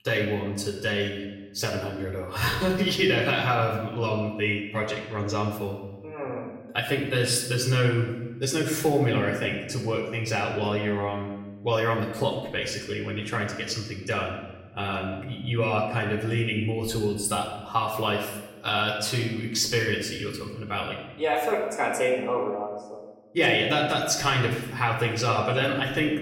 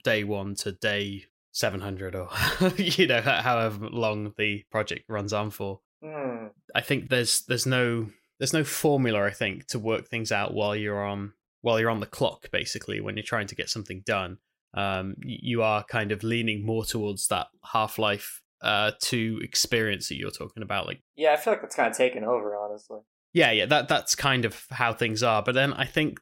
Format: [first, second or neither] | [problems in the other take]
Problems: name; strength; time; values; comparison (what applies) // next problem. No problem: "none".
second | room echo; noticeable; dies away in 1 s // off-mic speech; far